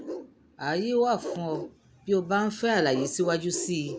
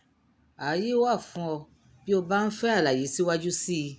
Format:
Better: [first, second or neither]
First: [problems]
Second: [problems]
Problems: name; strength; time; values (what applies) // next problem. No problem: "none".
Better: second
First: background sound (Bark); 12 dB below the speech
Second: none